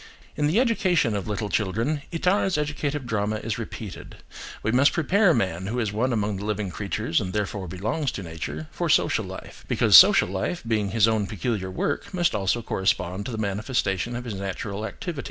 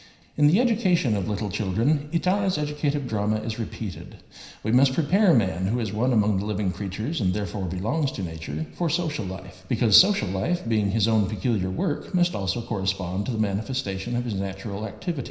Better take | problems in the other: first | room echo; dies away in 0.9 s

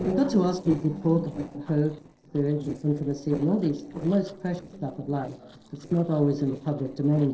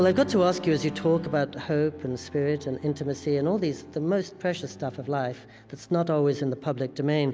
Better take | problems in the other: second | noise reduction (neural separator model SepFormer DNS4)

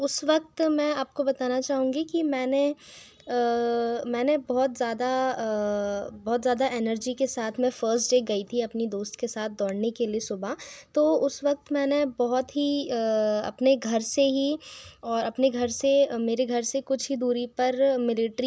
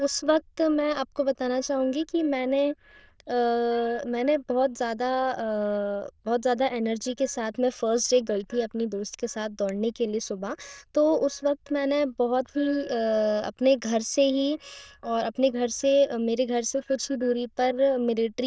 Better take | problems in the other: first | noise reduction (neural diffusion model UNIVERSE++)

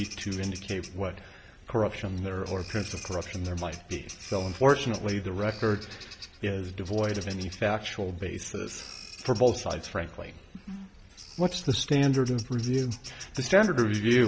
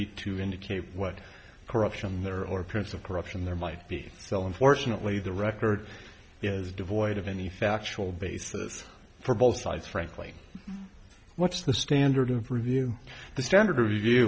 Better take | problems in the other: second | background sound (Bird vocalization, bird call, bird song); 18 dB below the speech

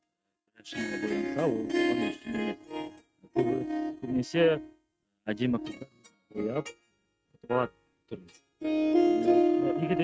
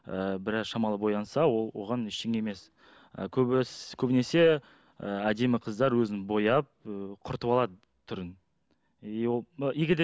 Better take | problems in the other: second | noise reduction (neural mask model RNNoise)

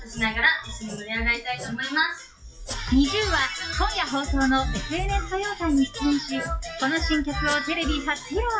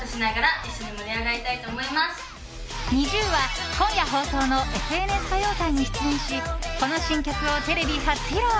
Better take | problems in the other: second | noise reduction (classical method WPE with log-MMSE)

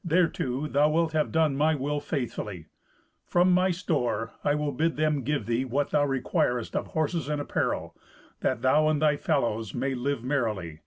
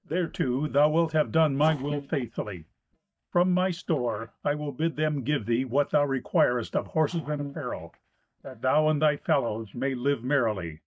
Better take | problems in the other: first | noise reduction (neural mask model DeepFilterNet 3)

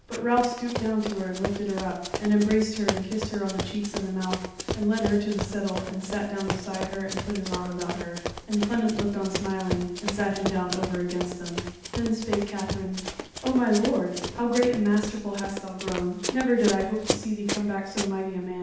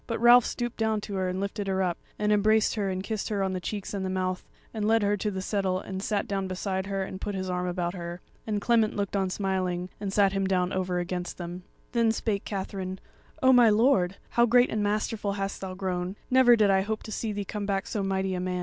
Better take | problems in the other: second | background sound (Run); 7 dB below the speech // room echo; dies away in 0.8 s

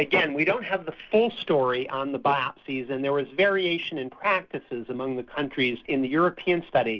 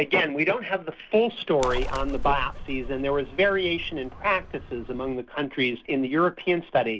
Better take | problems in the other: first | background sound (Bird); 7 dB below the speech

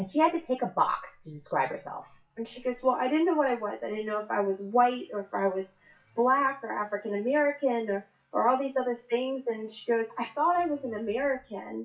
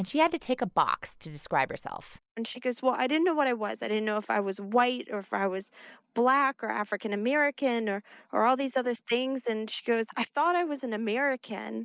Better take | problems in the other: second | noise reduction (classical method WPE with log-MMSE)

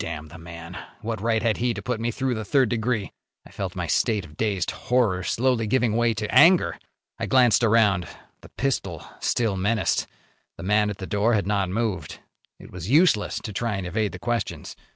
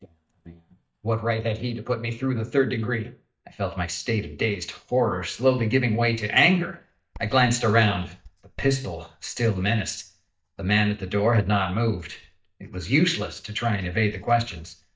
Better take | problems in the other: first | noise reduction (neural mask model DeepFilterNet 3)

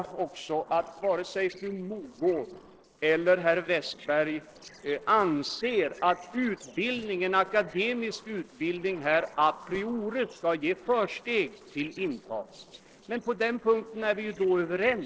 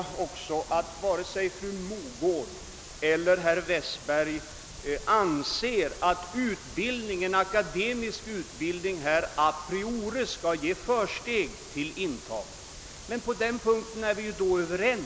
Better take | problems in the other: second | noise reduction (neural separator model SepFormer DNS4)

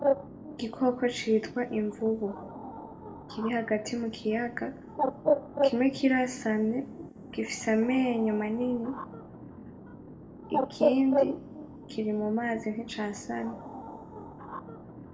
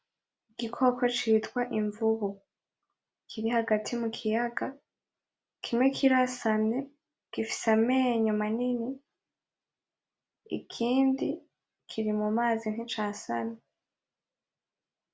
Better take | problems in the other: second | background sound (Bird); 4 dB below the speech // room echo; dies away in 0.9 s

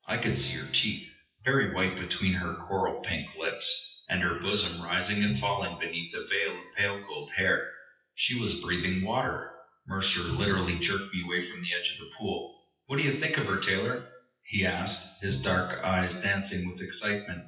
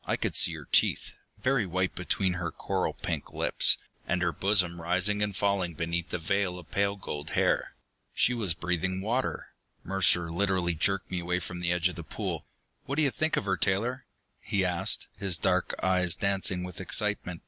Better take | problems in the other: second | noise reduction (classical method WPE with log-MMSE)

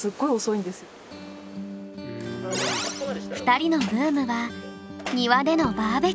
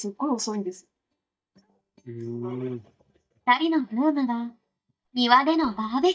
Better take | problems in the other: first | noise reduction (neural mask model DeepFilterNet 3)

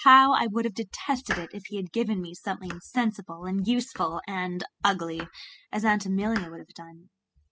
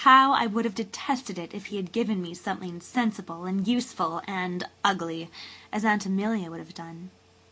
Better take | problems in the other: second | noise reduction (classical method spectral subtraction)

